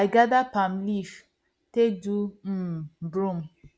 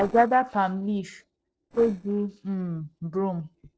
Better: first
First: none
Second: noise reduction (neural separator model SepFormer DNS4)

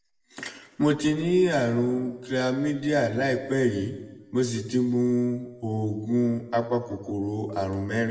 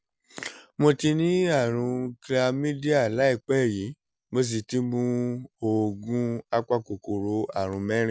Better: second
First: room echo; dies away in 1.1 s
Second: none

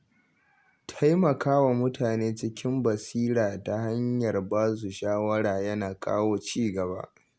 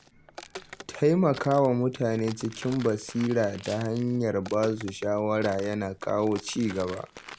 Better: first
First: none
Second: background sound (Walk, footsteps); 18 dB below the speech

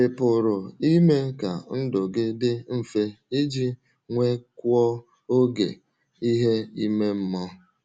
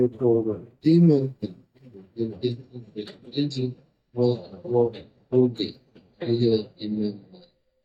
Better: first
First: none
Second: noise reduction (neural mask model DeepFilterNet 3)

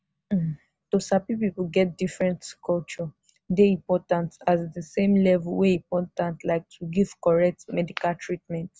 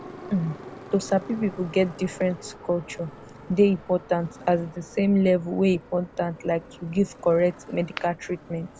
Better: first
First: none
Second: background sound (Motorcycle + Subway, metro, underground); 18 dB below the speech

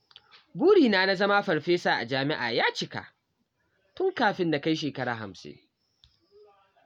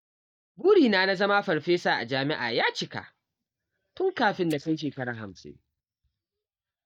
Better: first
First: none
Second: noise reduction (neural mask model DeepFilterNet 3)

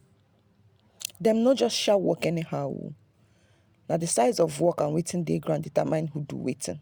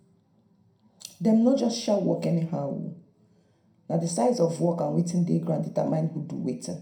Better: first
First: none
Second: room echo; dies away in 0.4 s

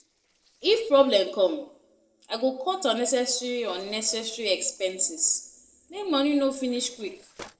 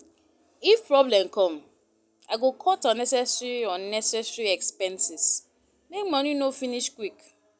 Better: second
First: noise reduction (neural separator model SepFormer DNS4)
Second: none

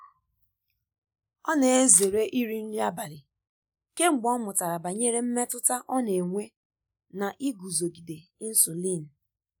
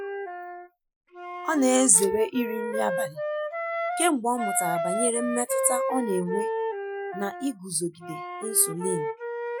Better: first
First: none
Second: noise reduction (classical method Wiener filter)

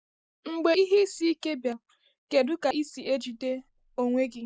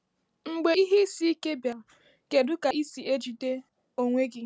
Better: second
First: noise reduction (neural mask model Resemble Enhance denoiser)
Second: none

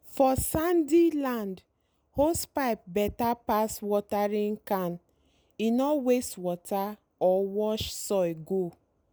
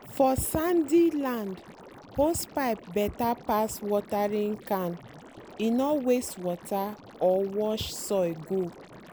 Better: first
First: none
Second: background sound (Liquid); 19 dB below the speech

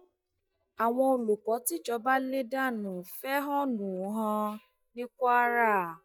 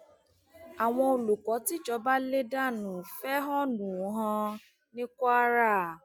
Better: second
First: noise reduction (neural mask model DeepFilterNet 3)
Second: none

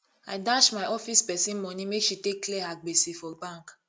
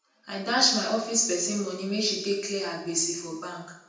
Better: first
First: none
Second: room echo; dies away in 0.9 s

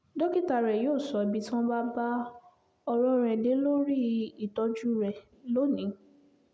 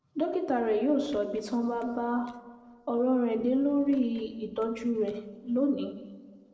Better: first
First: none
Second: noise reduction (neural separator model SepFormer DNS4)

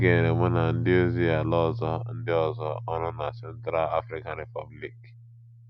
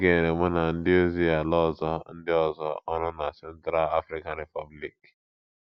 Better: second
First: background sound (Piano); 4 dB below the speech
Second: none

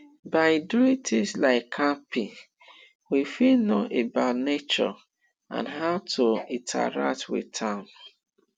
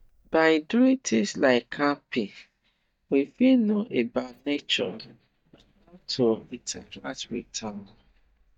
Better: first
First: none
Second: noise reduction (neural mask model DeepFilterNet 3)

